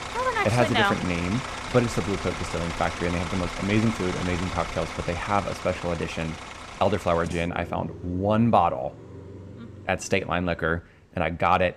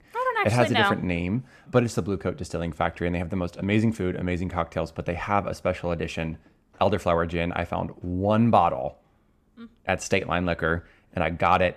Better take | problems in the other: second | traffic noise; loud; throughout; 9 dB below the speech

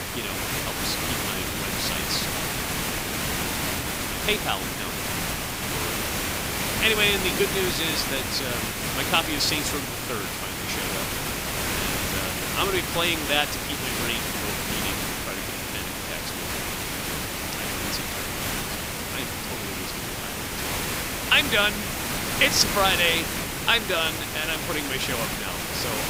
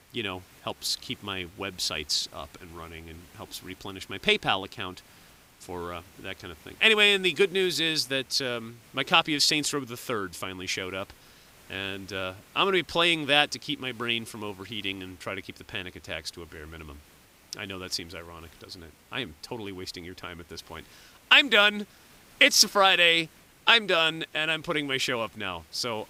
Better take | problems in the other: second | hiss; loud; throughout; 1 dB below the speech; faint in the second

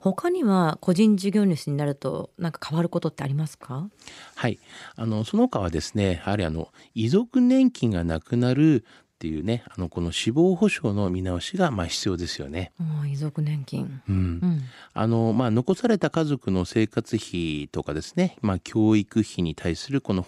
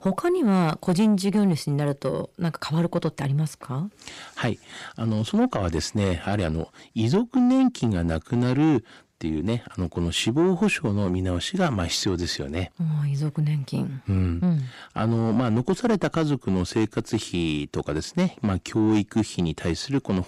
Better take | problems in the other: first | distortion; slight; 10 dB below the speech

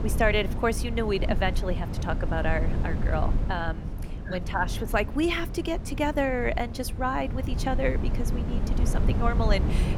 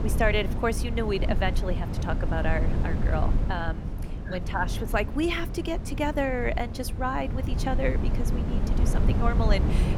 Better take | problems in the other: first | wind noise on the microphone; heavy; 9 dB below the speech; occasional gusts in the first

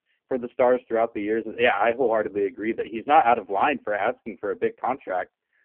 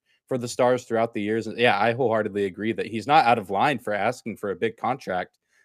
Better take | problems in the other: second | phone-call audio; poor line; nothing above 3 kHz

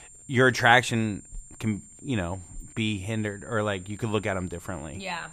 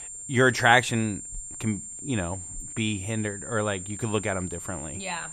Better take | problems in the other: first | high-pitched whine; loud; throughout; 7.5 kHz, 10 dB below the speech; faint in the first

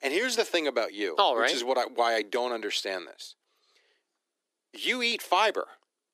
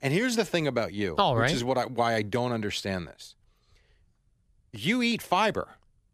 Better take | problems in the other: second | thin; somewhat; fading below 300 Hz

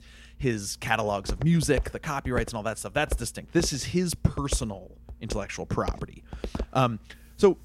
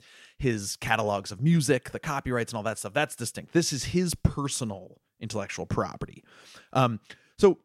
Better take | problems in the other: second | footsteps; noticeable; from 1.5 to 6.5 s; peak 7 dB below the speech

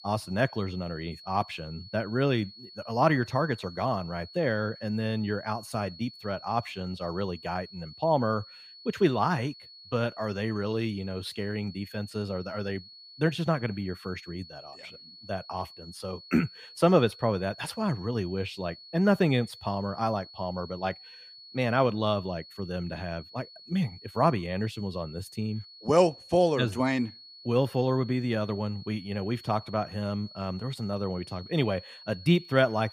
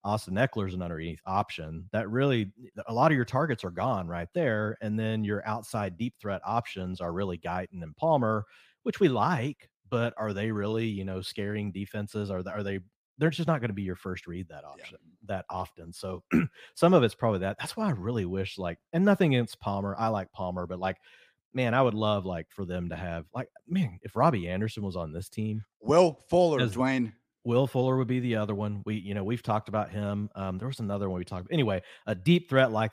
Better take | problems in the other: second | high-pitched whine; noticeable; throughout; 4.5 kHz, 15 dB below the speech

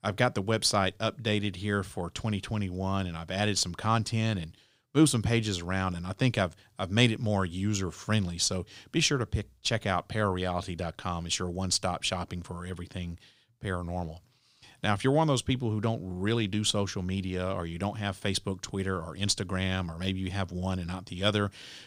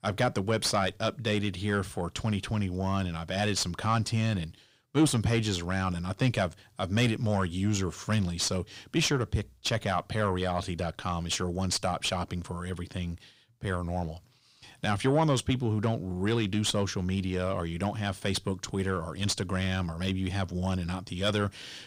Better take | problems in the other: first | distortion; slight; 10 dB below the speech

